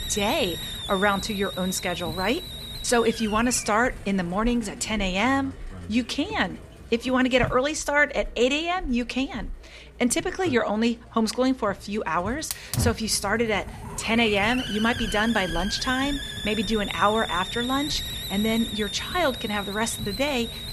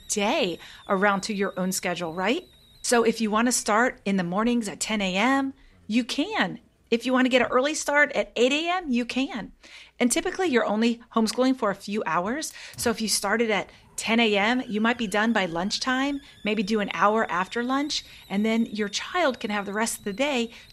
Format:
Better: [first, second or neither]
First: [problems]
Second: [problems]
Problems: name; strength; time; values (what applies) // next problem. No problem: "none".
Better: second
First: hiss; loud; throughout; 8 dB below the speech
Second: hiss; faint; throughout; 25 dB below the speech